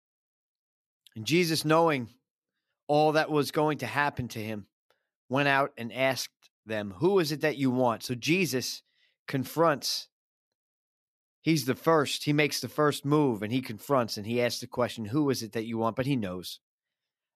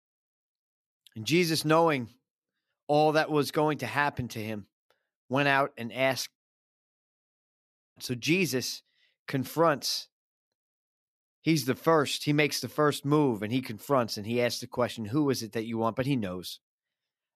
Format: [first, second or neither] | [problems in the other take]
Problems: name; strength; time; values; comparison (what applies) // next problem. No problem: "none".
first | audio cutting out; at 6.5 s for 1.5 s